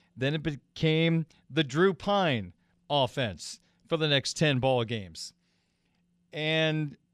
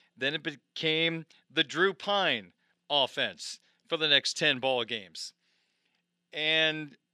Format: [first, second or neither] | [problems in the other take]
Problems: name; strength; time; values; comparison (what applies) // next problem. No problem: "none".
first | thin; somewhat; fading below 300 Hz